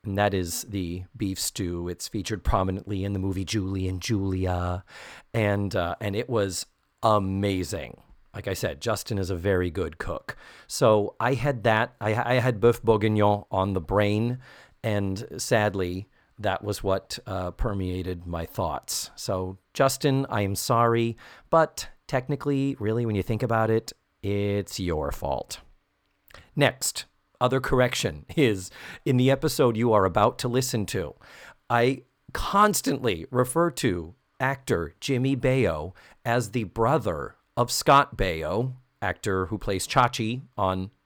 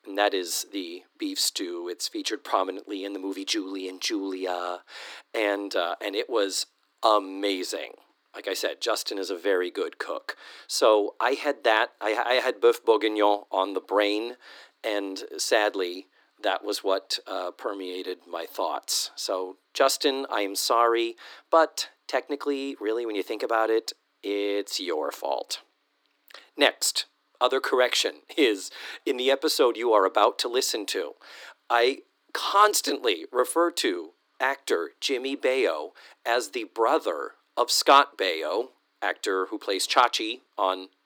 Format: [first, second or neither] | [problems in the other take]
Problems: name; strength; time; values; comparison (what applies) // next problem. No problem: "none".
first | thin; somewhat; fading below 300 Hz